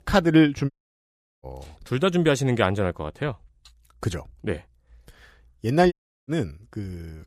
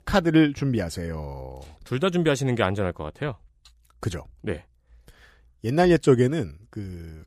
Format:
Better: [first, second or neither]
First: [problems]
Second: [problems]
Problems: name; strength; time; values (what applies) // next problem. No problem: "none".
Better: second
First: audio cutting out; at 0.5 s for 0.5 s and at 6 s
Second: none